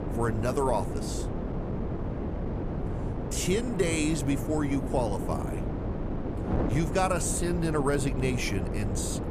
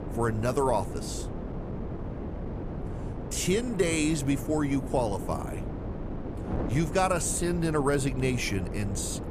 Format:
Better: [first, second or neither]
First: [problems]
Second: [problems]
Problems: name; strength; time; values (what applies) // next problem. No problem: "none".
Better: second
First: wind noise on the microphone; heavy; 7 dB below the speech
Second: wind noise on the microphone; occasional gusts; 10 dB below the speech